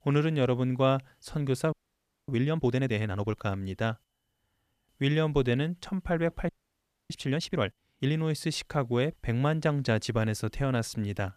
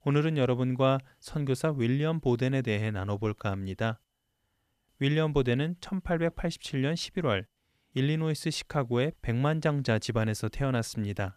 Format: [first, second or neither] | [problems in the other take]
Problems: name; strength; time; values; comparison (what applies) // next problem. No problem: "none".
second | audio freezing; at 1.5 s for 0.5 s and at 6.5 s for 0.5 s